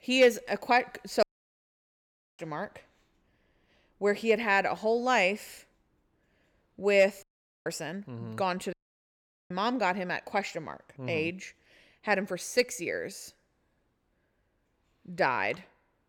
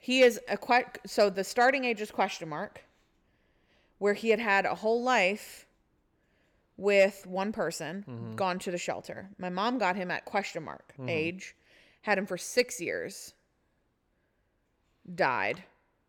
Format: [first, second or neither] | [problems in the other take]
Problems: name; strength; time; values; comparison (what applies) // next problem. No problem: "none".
second | audio cutting out; at 1 s for 1 s, at 7 s and at 8.5 s for 1 s